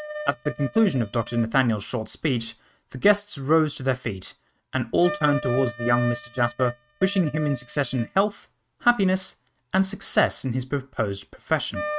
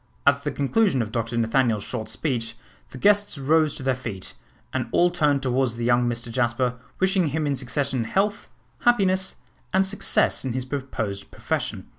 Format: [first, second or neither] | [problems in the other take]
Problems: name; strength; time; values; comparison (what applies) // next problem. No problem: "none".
second | noise reduction (neural mask model RNNoise)